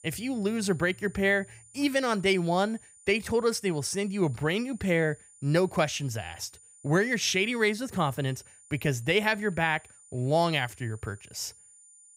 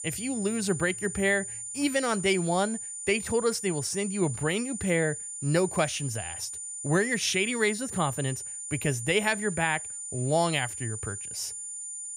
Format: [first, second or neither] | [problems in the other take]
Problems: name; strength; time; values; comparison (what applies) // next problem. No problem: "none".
first | high-pitched whine; loud; throughout; 9 kHz, 7 dB below the speech; faint in the first